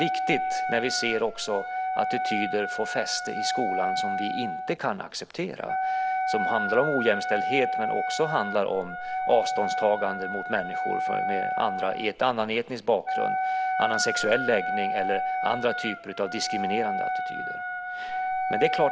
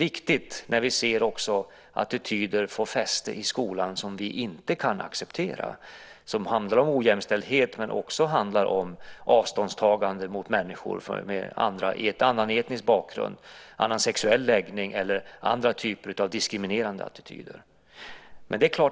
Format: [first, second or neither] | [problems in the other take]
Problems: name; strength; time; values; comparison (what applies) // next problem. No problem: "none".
second | background sound (Wind instrument, woodwind instrument); 1 dB below the speech